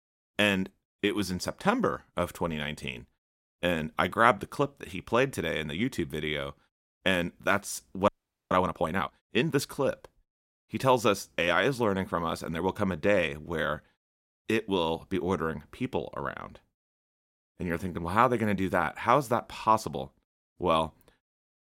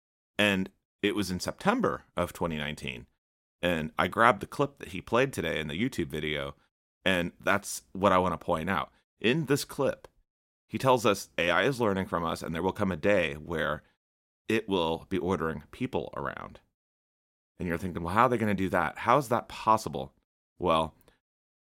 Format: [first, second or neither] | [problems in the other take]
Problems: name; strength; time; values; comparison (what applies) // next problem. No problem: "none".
second | audio freezing; at 8 s